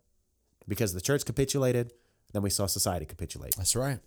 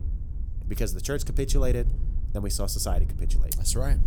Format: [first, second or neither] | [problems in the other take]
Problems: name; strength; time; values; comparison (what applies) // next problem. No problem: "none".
first | wind noise on the microphone; occasional gusts; 15 dB below the speech